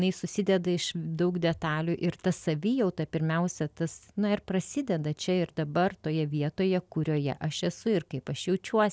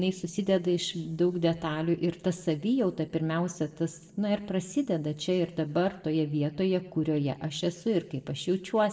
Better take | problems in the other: first | noise reduction (neural separator model SepFormer DNS4)

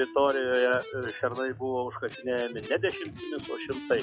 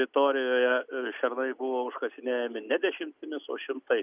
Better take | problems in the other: second | noise reduction (classical method log-MMSE)

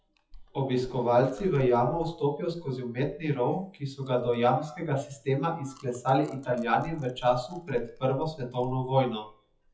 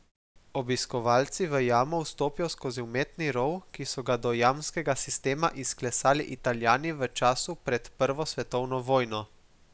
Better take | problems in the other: second | noise reduction (classical method WPE with log-MMSE)

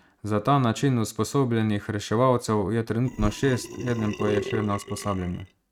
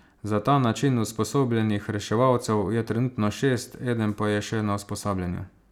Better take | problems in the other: second | noise reduction (neural mask model RNNoise)

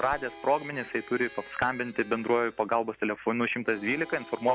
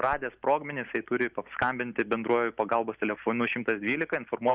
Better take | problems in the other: second | background sound (Harmonica); 20 dB below the speech

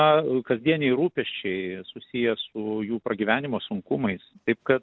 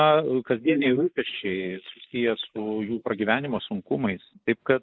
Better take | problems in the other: first | noise reduction (neural mask model Resemble Enhance denoiser)

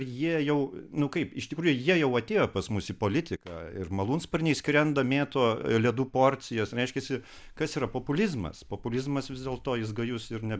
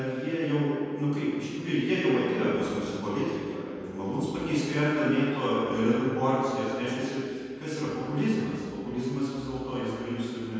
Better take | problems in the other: first | room echo; dies away in 2 s

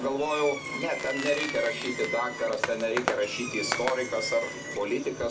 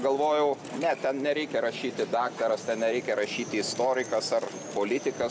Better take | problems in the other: second | background sound (Fireworks); 6 dB below the speech // room echo; dies away in 0.2 s

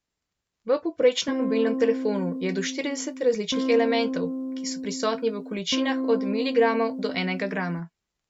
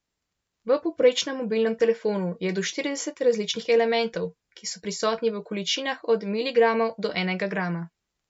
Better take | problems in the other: second | background sound (Electric guitar / Strum); 4 dB below the speech

